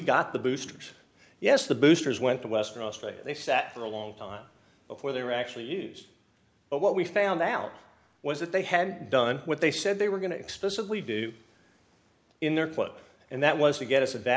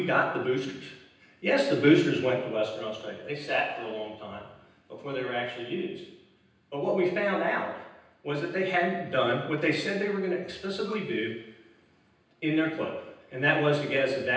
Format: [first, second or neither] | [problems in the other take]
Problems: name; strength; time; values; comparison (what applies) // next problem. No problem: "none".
first | background sound (Bowed string instrument); 19 dB below the speech // room echo; dies away in 0.9 s